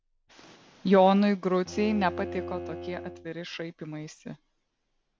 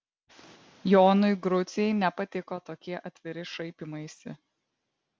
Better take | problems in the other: second | background sound (Bowed string instrument); 14 dB below the speech

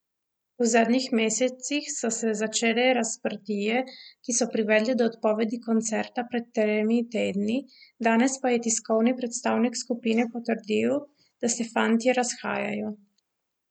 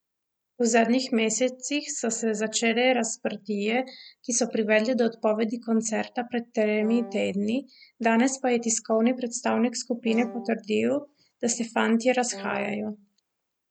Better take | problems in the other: first | background sound (Wind instrument, woodwind instrument); 15 dB below the speech

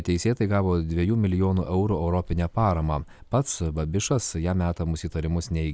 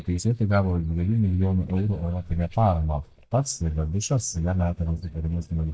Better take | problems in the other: first | noise reduction (neural mask model DeepFilterNet 3)

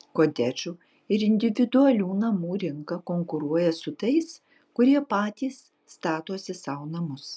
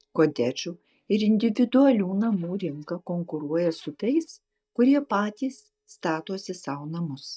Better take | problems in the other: first | noise reduction (neural mask model DeepFilterNet 3)

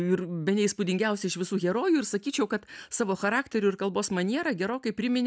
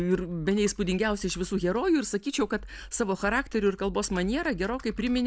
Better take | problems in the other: first | background sound (Computer keyboard); 16 dB below the speech

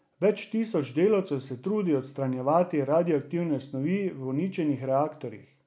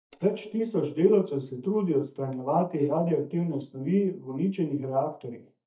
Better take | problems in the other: first | noise reduction (neural mask model DeepFilterNet 3)

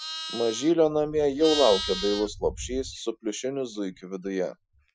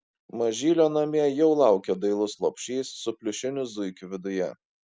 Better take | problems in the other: second | noise reduction (classical method Wiener filter)

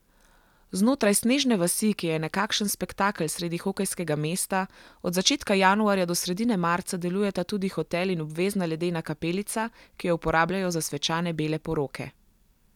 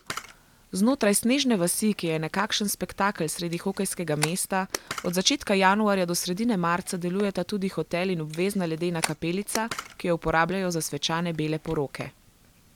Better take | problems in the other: first | background sound (Camera); 15 dB below the speech

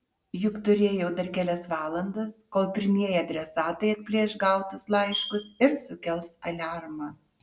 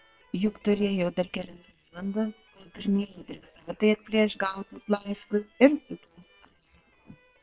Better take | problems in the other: first | noise reduction (neural separator model SepFormer WHAM!)

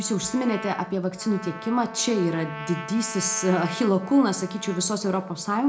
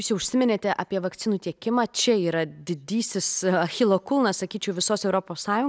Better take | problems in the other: second | background sound (Trumpet); 13 dB below the speech // room echo; dies away in 0.3 s

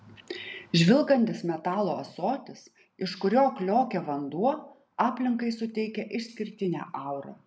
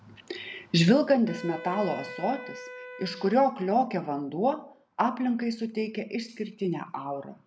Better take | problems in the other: first | background sound (Wind instrument, woodwind instrument); 15 dB below the speech

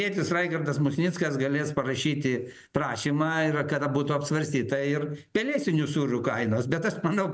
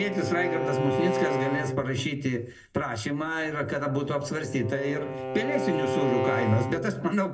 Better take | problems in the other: first | background sound (Bowed string instrument); 3 dB below the speech // room echo; dies away in 0.2 s

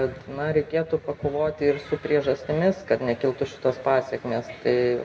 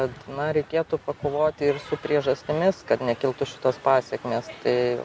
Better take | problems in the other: second | room echo; dies away in 1.2 s

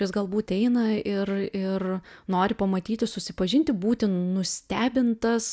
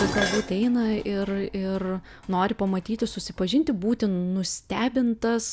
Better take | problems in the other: first | background sound (Dishes, pots, and pans); 11 dB below the speech

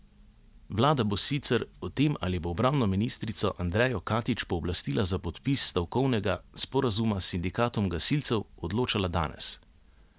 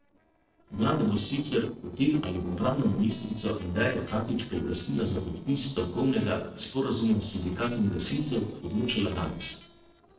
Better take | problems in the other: first | noise reduction (neural separator model SepFormer DNS4)

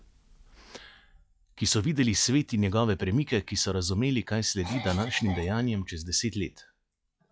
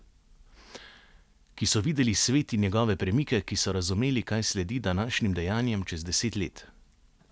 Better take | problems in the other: second | noise reduction (classical method log-MMSE)

